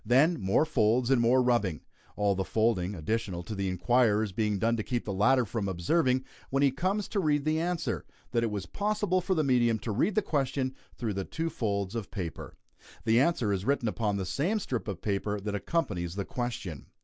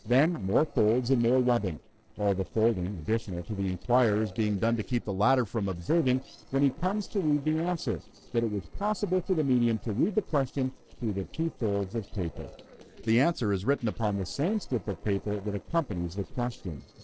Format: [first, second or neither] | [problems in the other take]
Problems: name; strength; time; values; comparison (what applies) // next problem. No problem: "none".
first | noise reduction (neural separator model SepFormer DNS4)